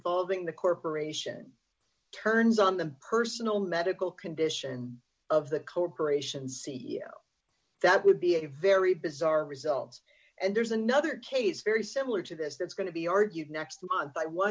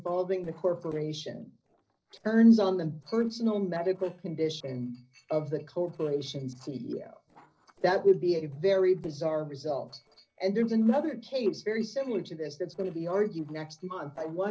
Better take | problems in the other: first | noise reduction (neural separator model SepFormer DNS4)

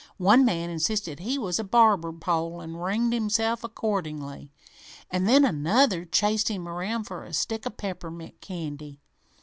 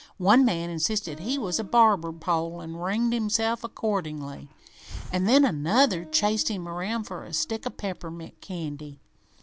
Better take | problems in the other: first | background sound (Hiss + Acoustic guitar); 20 dB below the speech

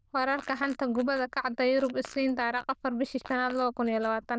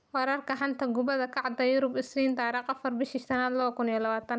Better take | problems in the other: second | noise reduction (neural diffusion model UNIVERSE++)

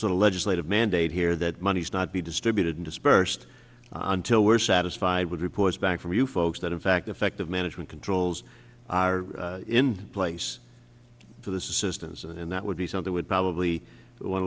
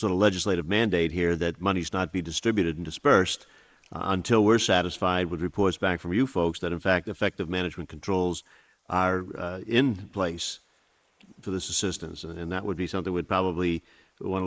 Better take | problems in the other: first | noise reduction (neural mask model Resemble Enhance denoiser)

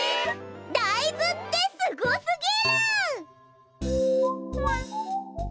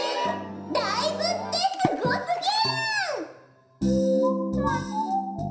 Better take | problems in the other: first | background sound (Water / Splash, splatter); 10 dB below the speech // room echo; dies away in 0.7 s

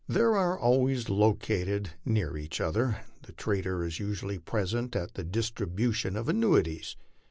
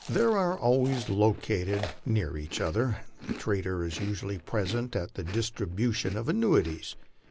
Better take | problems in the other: first | background sound (Chewing, mastication); 16 dB below the speech

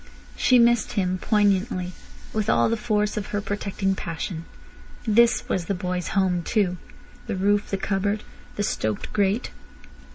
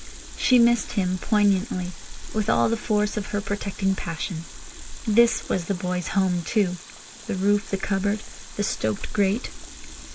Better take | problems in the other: first | noise reduction (neural mask model Resemble Enhance denoiser)

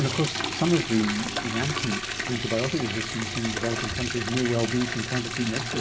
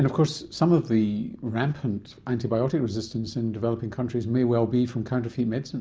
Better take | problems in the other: second | background sound (Liquid); 3 dB below the speech // room echo; dies away in 0.8 s

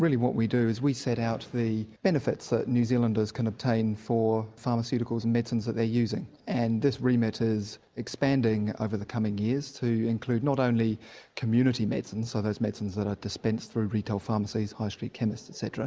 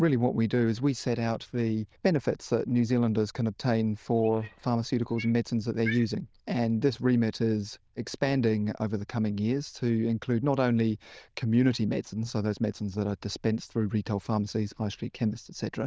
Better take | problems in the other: first | noise reduction (neural diffusion model UNIVERSE++)

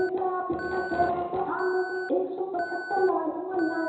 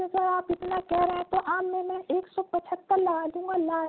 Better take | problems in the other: second | background sound (Alarm); 12 dB below the speech // room echo; dies away in 1 s

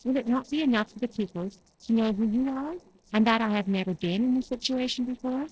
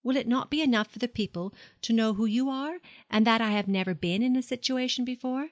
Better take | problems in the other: second | noise reduction (neural separator model SepFormer DNS4)

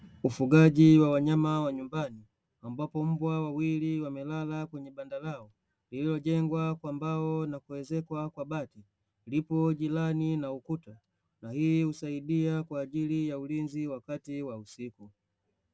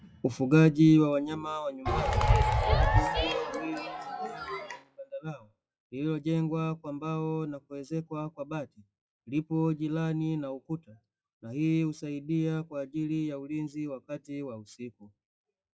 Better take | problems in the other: first | noise reduction (classical method log-MMSE)

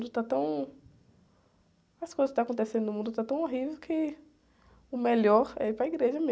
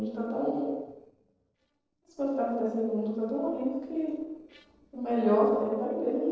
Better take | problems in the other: first | noise reduction (neural separator model SepFormer DNS4)

